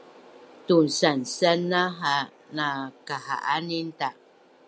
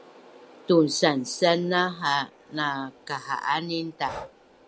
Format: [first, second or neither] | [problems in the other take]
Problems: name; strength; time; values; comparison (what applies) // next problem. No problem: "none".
first | background sound (Breathing); 20 dB below the speech